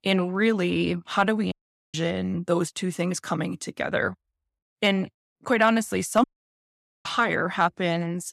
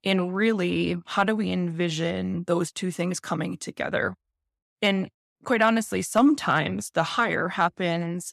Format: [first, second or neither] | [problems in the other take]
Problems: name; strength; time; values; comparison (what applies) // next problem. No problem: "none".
second | audio cutting out; at 1.5 s and at 6 s for 1 s